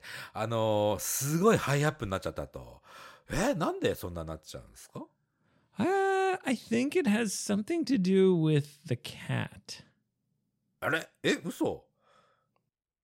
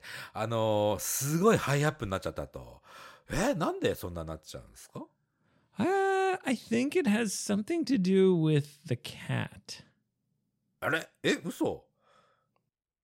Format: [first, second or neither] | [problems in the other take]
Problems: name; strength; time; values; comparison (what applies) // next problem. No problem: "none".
neither | none